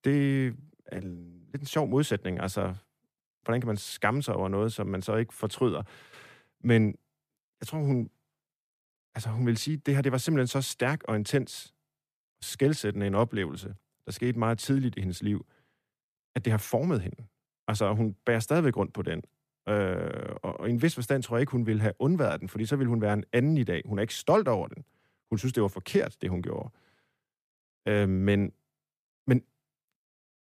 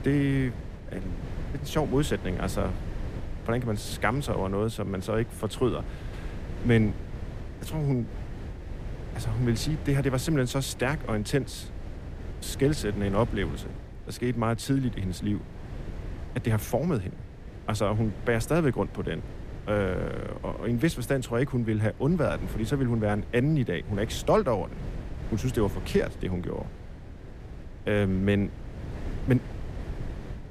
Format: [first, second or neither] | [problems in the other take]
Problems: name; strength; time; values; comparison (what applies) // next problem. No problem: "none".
first | wind noise on the microphone; occasional gusts; 15 dB below the speech